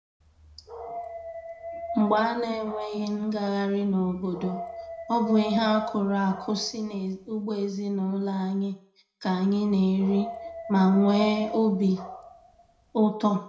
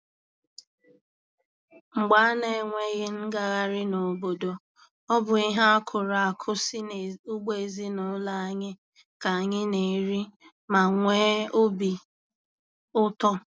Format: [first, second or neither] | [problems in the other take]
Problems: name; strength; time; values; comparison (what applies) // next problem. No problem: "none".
second | background sound (Dog); 13 dB below the speech // room echo; dies away in 0.4 s